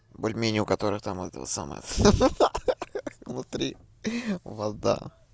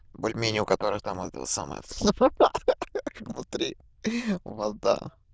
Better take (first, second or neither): first